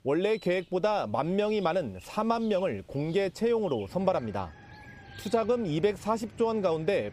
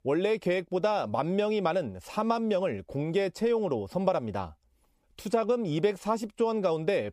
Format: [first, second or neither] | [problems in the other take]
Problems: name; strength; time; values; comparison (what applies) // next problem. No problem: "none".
second | animal sounds; faint; throughout; 20 dB below the speech